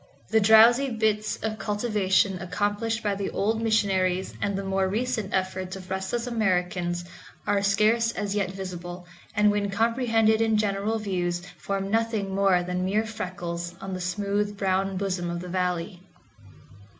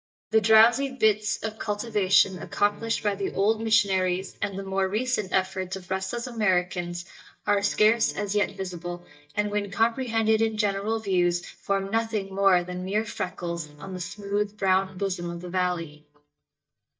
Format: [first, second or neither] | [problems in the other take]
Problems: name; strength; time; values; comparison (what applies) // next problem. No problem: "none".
first | noise reduction (neural mask model DeepFilterNet 3)